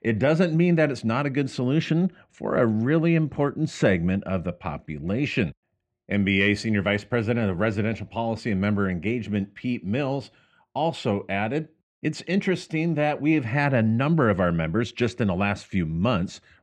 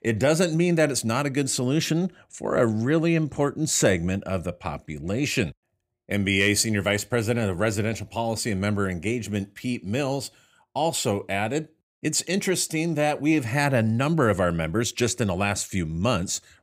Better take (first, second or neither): second